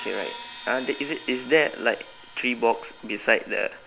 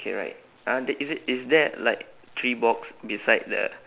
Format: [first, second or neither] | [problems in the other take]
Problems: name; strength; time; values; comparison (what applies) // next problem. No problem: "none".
second | background sound (Crash cymbal); 17 dB below the speech